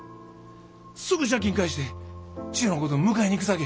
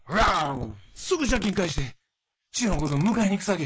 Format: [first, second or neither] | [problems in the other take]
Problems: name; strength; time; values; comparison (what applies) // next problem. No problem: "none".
first | noise reduction (neural mask model Resemble Enhance denoiser)